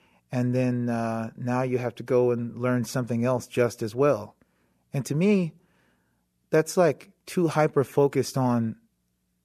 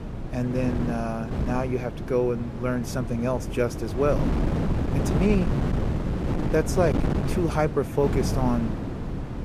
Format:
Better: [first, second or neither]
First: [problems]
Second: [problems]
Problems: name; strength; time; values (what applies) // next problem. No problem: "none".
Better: first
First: none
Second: wind noise on the microphone; heavy; 6 dB below the speech